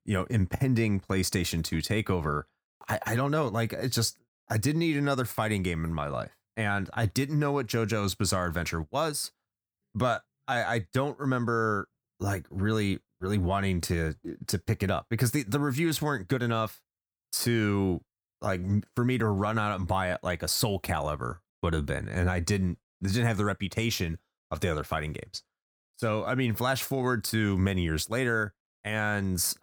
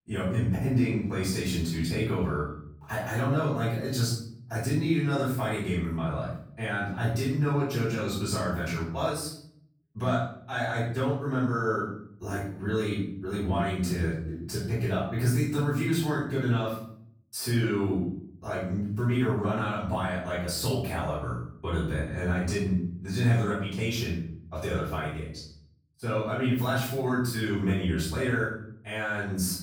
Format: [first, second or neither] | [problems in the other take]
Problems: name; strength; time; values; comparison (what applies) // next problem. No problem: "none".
first | off-mic speech; far // room echo; noticeable; dies away in 0.6 s